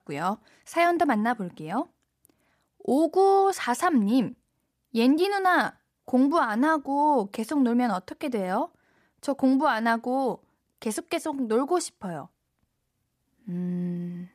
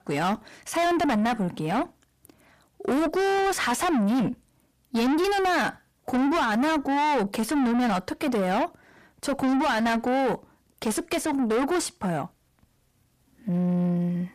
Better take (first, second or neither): first